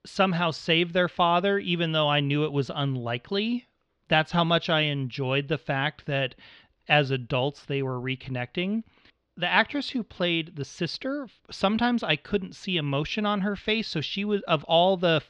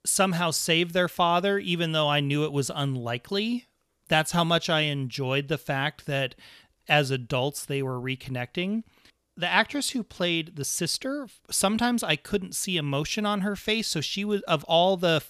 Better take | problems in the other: second | muffled; slightly; fading above 4 kHz

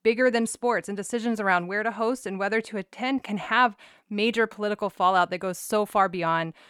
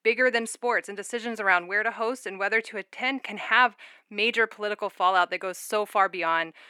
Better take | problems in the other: first | thin; somewhat; fading below 300 Hz

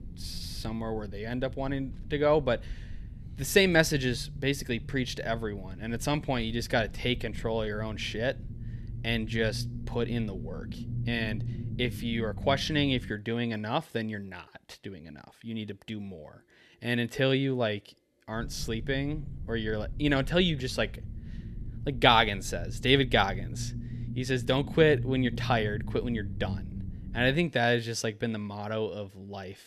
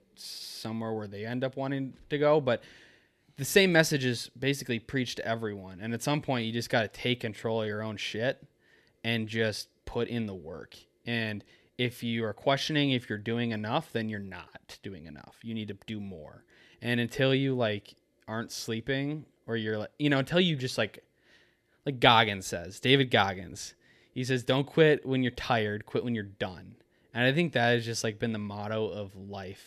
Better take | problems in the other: second | low rumble; faint; until 13 s and from 18 to 27 s; 20 dB below the speech

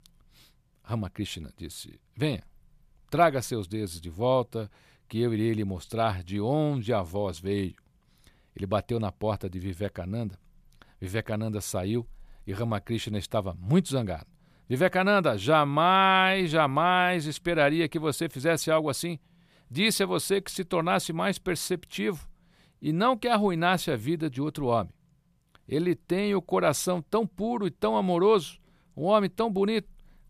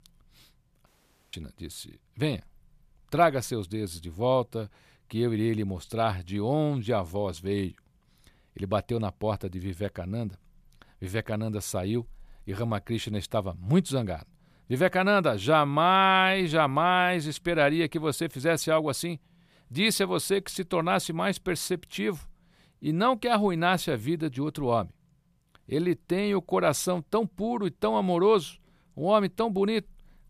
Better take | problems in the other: first | audio cutting out; at 1 s

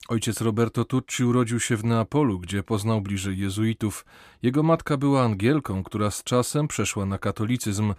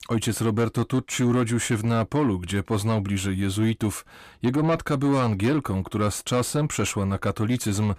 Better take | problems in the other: first | distortion; slight; 10 dB below the speech

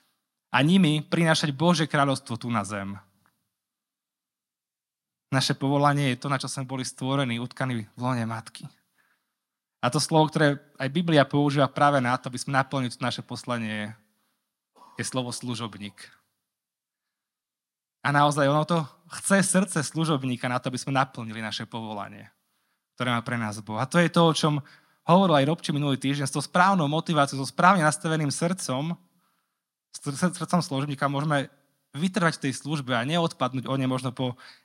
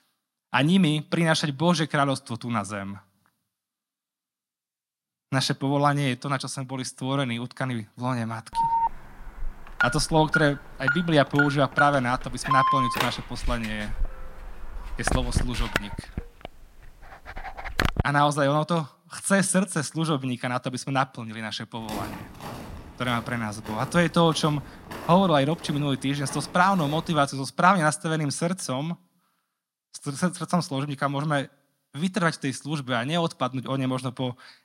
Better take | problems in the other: first | alarm; loud; from 8.5 to 18 s; peak 3 dB above the speech // footsteps; faint; from 22 to 27 s; peak 10 dB below the speech

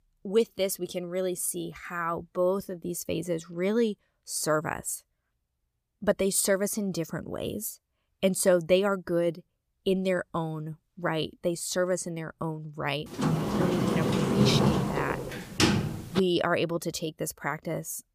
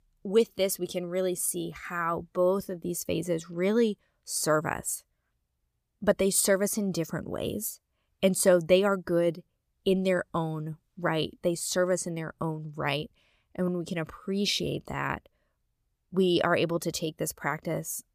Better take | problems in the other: second | door banging; loud; from 13 to 16 s; peak 6 dB above the speech

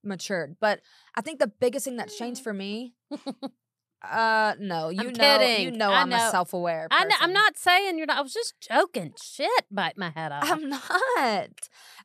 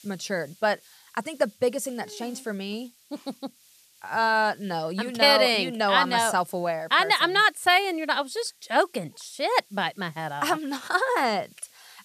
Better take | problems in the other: first | hiss; faint; throughout; 30 dB below the speech

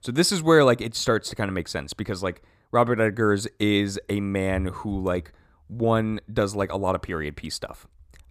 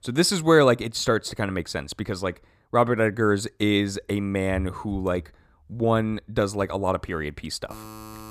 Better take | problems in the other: first | alarm; faint; at 7.5 s; peak 15 dB below the speech

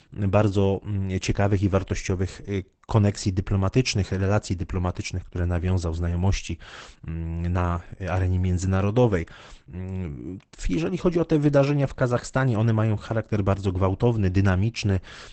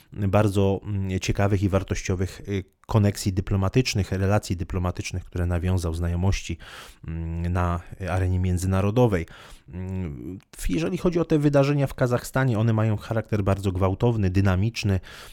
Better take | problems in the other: second | garbled, watery; badly; nothing above 8 kHz

